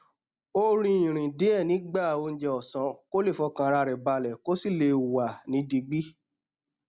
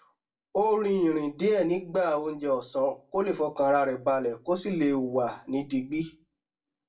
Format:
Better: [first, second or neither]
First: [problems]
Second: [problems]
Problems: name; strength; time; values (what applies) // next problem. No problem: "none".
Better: first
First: none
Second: room echo; dies away in 0.2 s